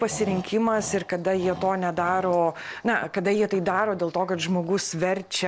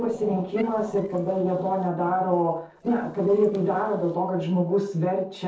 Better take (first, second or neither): first